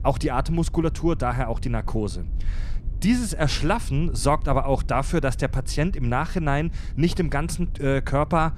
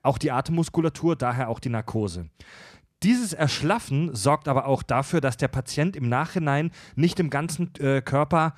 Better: second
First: low rumble; faint; throughout; 25 dB below the speech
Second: none

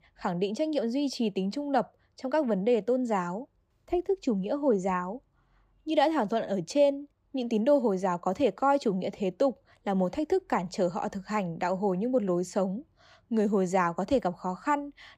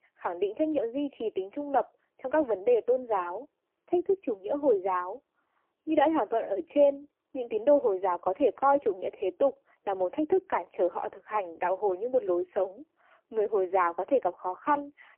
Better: first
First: none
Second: phone-call audio; poor line

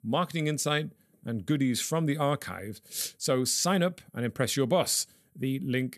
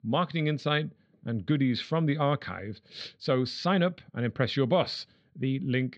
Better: first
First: none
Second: muffled; slightly; fading above 4 kHz

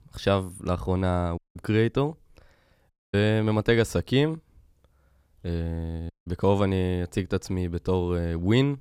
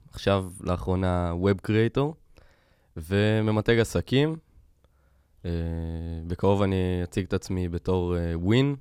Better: second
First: audio cutting out; at 1.5 s, at 3 s and at 6 s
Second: none

